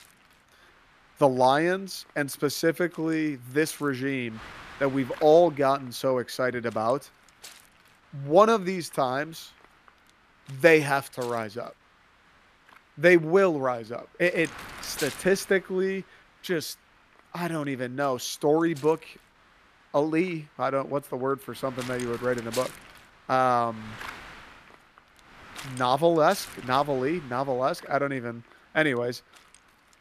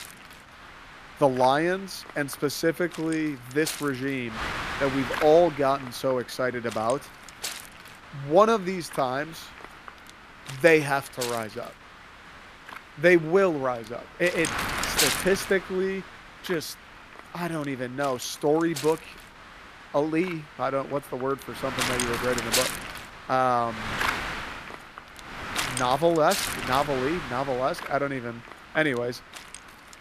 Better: first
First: wind noise on the microphone; occasional gusts; 20 dB below the speech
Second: wind noise on the microphone; heavy; 7 dB below the speech

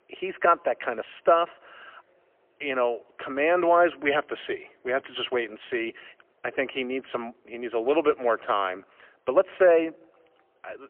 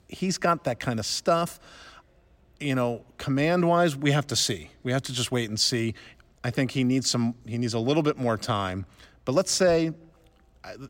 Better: second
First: phone-call audio; poor line; nothing above 3 kHz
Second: none

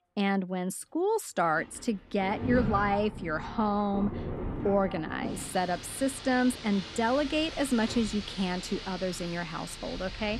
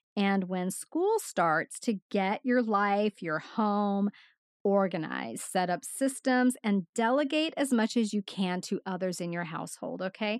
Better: second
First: rain or running water; loud; throughout; 8 dB below the speech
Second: none

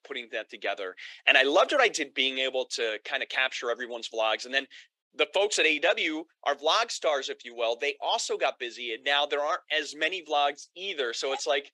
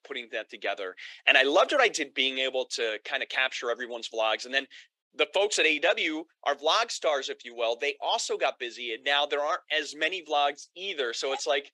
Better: neither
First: thin; very; fading below 400 Hz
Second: thin; very; fading below 400 Hz

